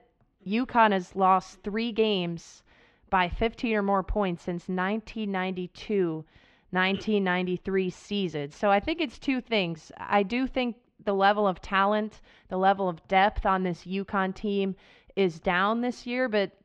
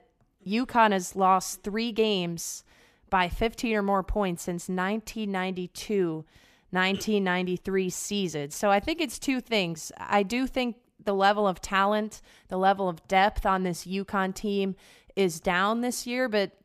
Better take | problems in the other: second | muffled; slightly; fading above 3.5 kHz

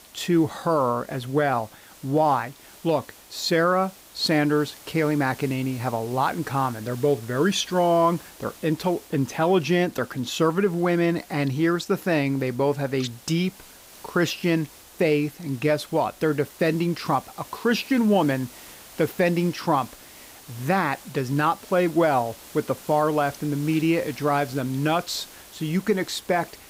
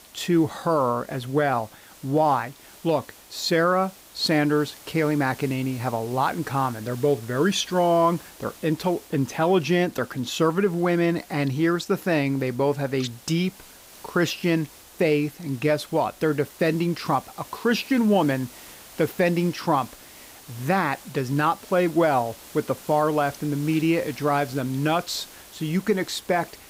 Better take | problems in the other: neither | hiss; faint; throughout; 20 dB below the speech; the same in both

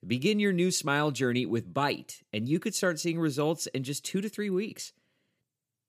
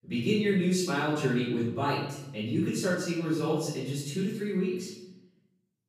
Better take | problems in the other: first | off-mic speech; far // room echo; noticeable; dies away in 0.9 s

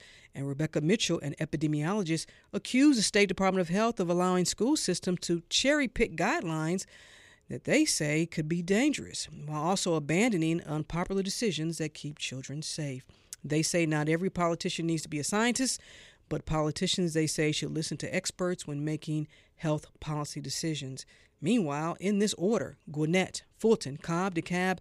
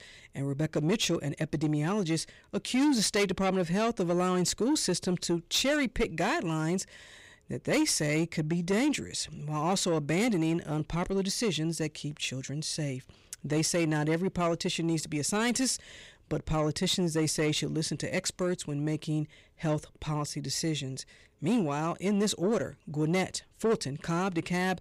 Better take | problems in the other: first | distortion; slight; 10 dB below the speech

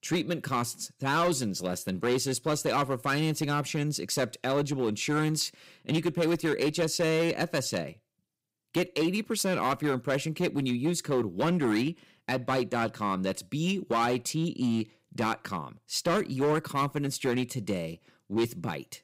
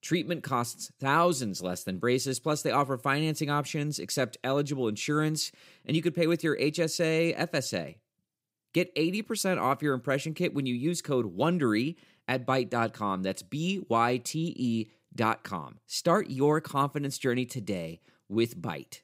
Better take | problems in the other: second | distortion; slight; 7% of the sound clipped

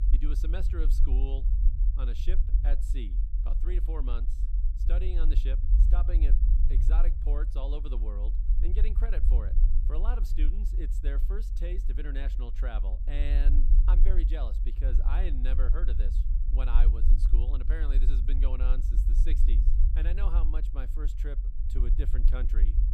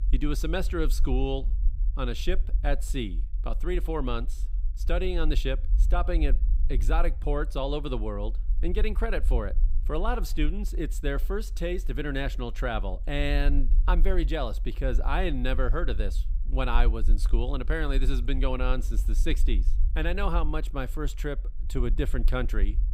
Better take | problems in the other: second | low rumble; loud; throughout; 6 dB below the speech; faint in the second

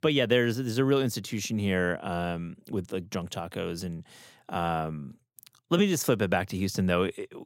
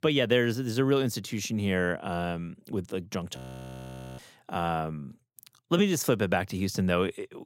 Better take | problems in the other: first | audio freezing; at 3.5 s for 1 s

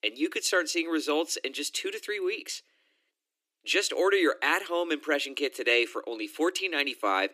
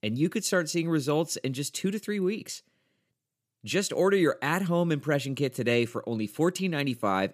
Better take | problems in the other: second | thin; somewhat; fading below 300 Hz

